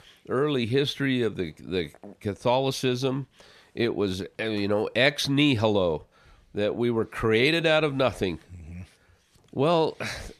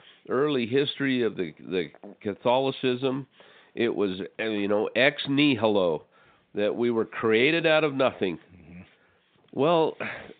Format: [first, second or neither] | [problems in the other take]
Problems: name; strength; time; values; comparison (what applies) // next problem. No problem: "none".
first | phone-call audio; nothing above 4 kHz